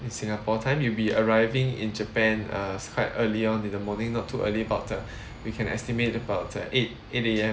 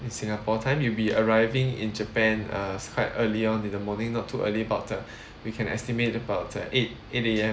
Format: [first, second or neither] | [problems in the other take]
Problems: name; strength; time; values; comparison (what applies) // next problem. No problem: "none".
second | background sound (Insect); 15 dB below the speech